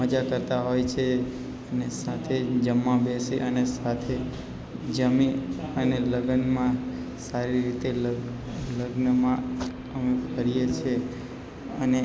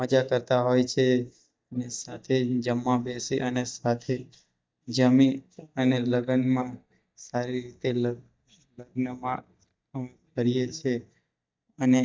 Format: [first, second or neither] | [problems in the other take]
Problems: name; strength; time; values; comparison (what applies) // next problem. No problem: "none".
first | noise reduction (neural mask model DeepFilterNet 3)